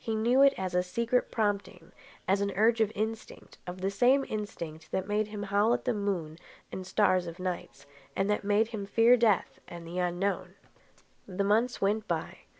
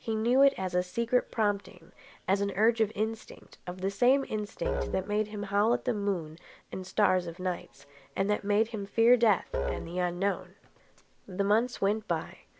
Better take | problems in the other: first | background sound (Musical instrument); 10 dB below the speech

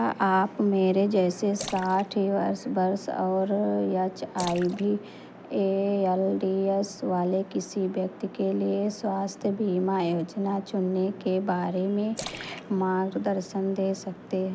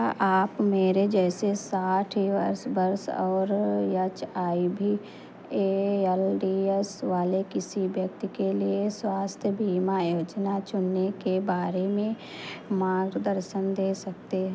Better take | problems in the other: second | background sound (Splash, splatter); 18 dB below the speech

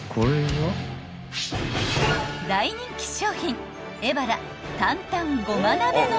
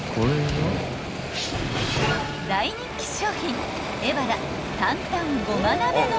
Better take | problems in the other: first | background sound (Waves, surf); 6 dB below the speech

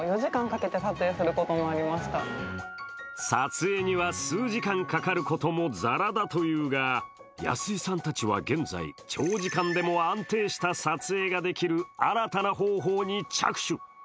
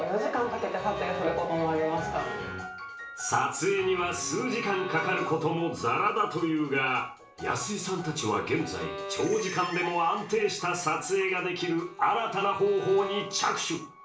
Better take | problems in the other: first | background sound (Bowed string instrument); 15 dB below the speech // room echo; dies away in 0.4 s

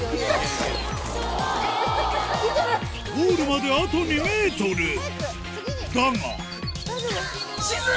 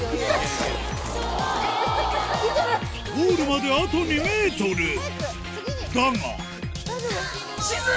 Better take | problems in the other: second | background sound (Bird); 18 dB below the speech

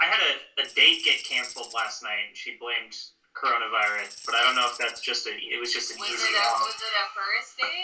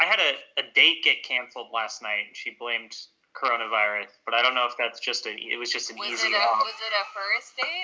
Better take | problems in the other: second | background sound (Tambourine); 15 dB below the speech // room echo; dies away in 0.1 s

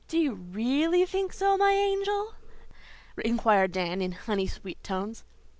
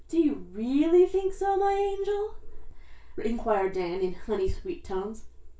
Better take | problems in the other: first | room echo; dies away in 0.3 s

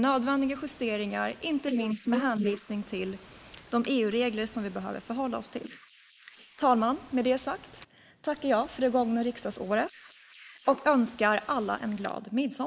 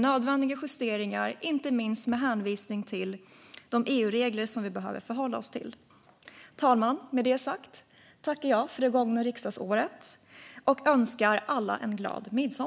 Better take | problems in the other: second | noise reduction (neural mask model Resemble Enhance denoiser)

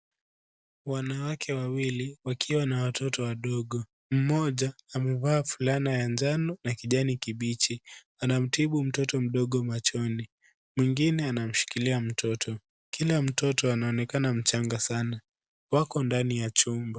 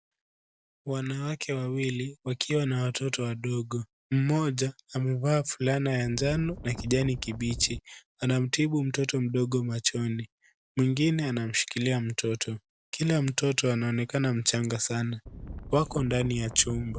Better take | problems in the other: first | background sound (Wind); 11 dB below the speech

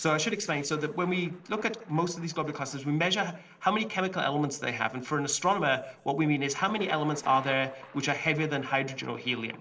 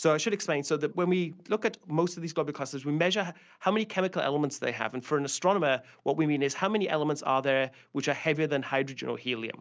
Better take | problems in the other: second | noise reduction (neural separator model SepFormer DNS4)

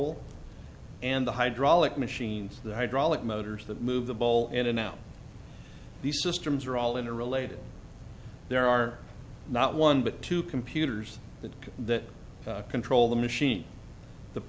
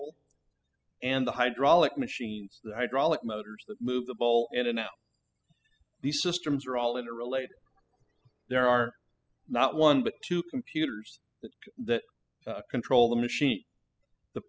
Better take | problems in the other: first | noise reduction (classical method spectral subtraction)

